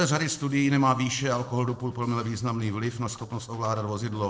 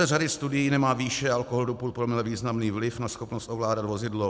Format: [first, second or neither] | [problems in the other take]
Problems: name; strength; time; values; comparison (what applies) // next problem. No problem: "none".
second | noise reduction (neural separator model SepFormer DNS4)